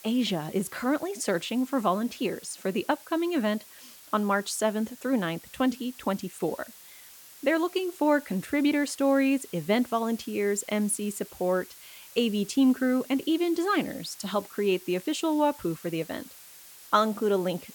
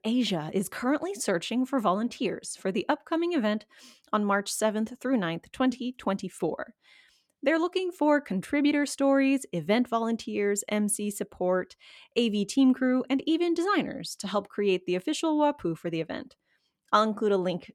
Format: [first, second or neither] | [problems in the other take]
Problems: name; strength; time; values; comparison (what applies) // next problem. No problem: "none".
second | hiss; noticeable; throughout; 20 dB below the speech